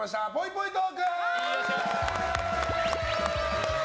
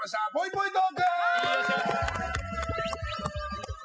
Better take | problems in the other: first | noise reduction (classical method spectral subtraction)

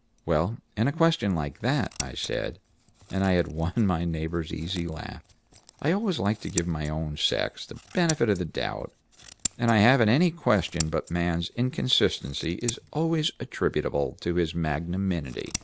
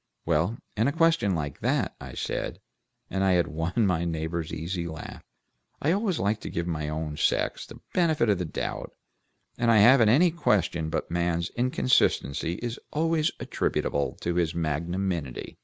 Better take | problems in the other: second | background sound (Scissors); 16 dB below the speech

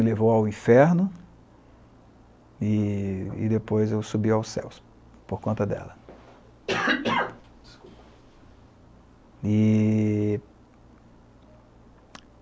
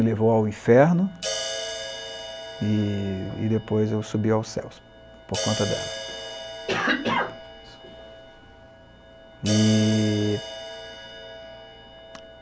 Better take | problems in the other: first | background sound (Crash cymbal); 10 dB below the speech

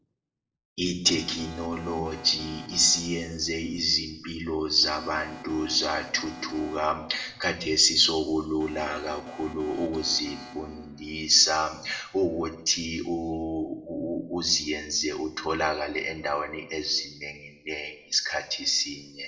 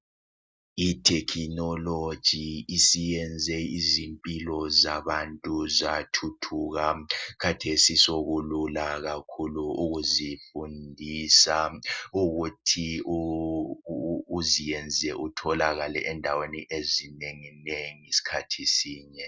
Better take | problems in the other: second | background sound (Alarm); 16 dB below the speech // room echo; dies away in 0.7 s

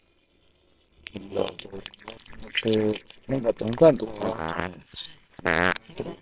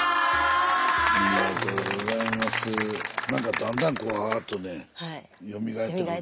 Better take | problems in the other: second | noise reduction (neural separator model SepFormer WHAMR!)

